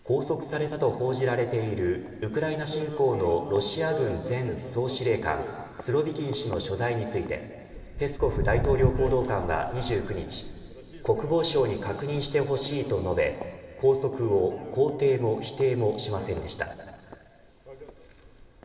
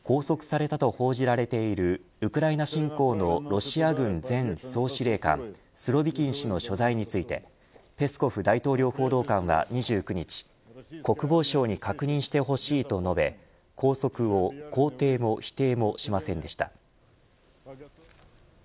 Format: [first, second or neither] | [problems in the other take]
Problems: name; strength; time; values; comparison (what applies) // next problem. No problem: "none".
second | background sound (Walk, footsteps); 11 dB below the speech // room echo; dies away in 2.3 s